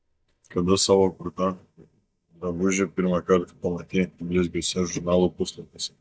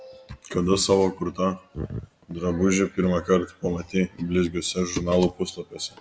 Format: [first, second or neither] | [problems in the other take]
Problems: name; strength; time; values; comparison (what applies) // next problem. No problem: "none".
second | noise reduction (neural mask model DeepFilterNet 3)